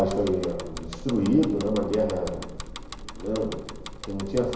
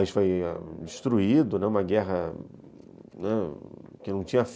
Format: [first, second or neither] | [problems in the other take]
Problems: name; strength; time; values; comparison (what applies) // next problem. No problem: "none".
second | background sound (Bicycle); 11 dB below the speech // room echo; dies away in 1 s